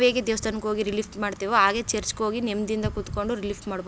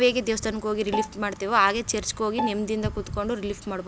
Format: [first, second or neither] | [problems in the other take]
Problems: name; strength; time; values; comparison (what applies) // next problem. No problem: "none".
first | background sound (Bowed string instrument); 10 dB below the speech